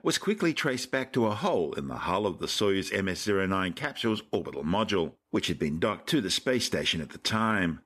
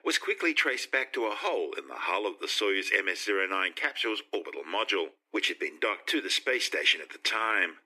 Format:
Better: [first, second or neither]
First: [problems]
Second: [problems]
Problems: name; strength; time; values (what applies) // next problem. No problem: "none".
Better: first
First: none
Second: thin; very; fading below 300 Hz